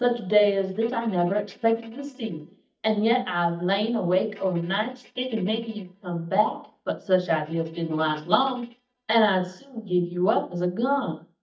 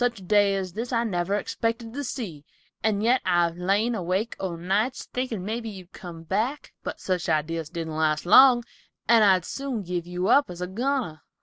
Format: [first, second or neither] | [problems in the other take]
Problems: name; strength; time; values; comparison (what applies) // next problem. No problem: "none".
second | noise reduction (neural mask model DeepFilterNet 3)